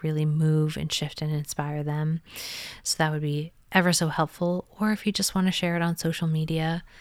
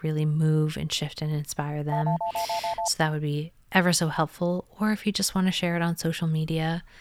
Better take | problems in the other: first | phone ringing; noticeable; at 2 s; peak 3 dB below the speech

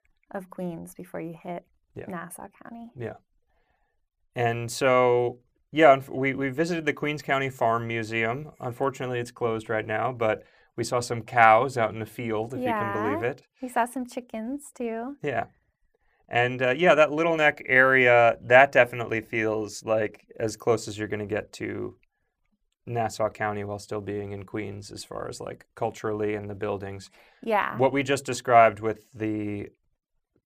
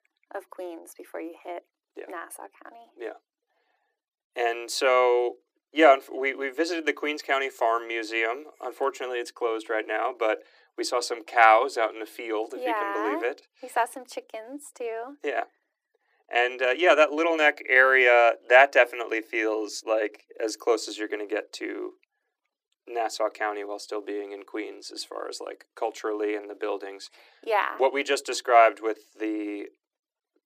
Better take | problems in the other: first | thin; somewhat; fading below 300 Hz

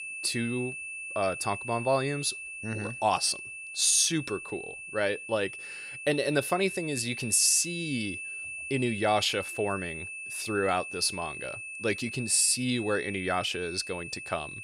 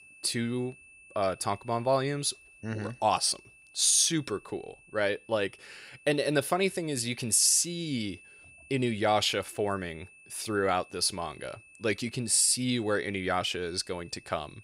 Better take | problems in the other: second | high-pitched whine; loud; throughout; 2.5 kHz, 9 dB below the speech; faint in the second

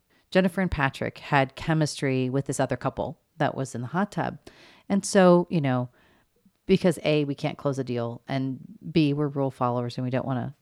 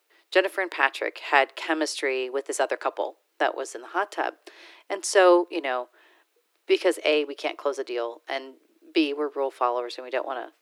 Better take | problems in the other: first | thin; very; fading below 300 Hz

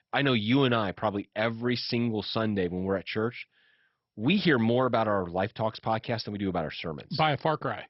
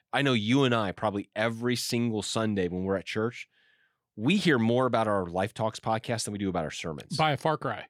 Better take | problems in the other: second | garbled, watery; badly; nothing above 5.5 kHz

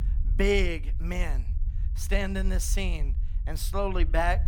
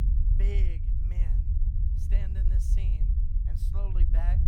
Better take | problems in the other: first | low rumble; loud; throughout; as loud as the speech; faint in the first

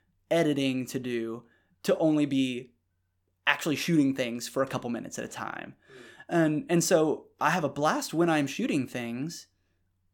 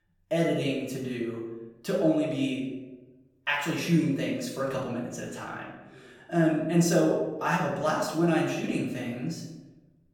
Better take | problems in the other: first | room echo; noticeable; dies away in 0.8 s // off-mic speech; far

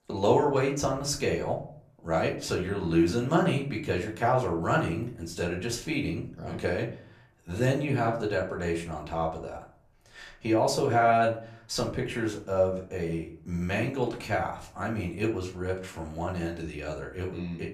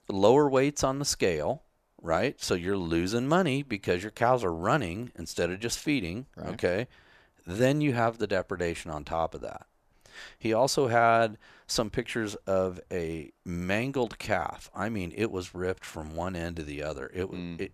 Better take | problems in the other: second | room echo; slight; dies away in 0.4 s // off-mic speech; far

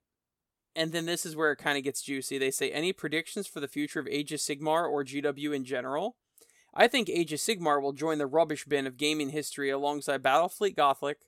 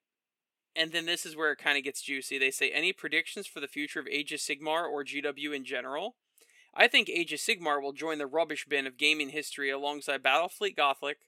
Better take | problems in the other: first | thin; very slightly; fading below 250 Hz

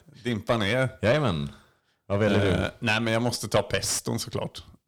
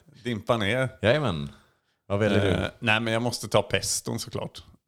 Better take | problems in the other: second | distortion; slight; 10 dB below the speech

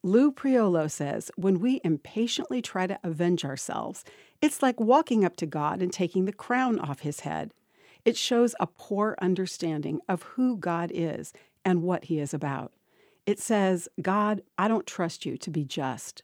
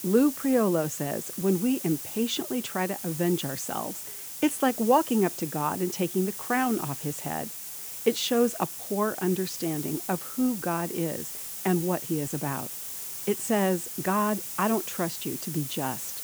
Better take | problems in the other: first | hiss; loud; throughout; 7 dB below the speech

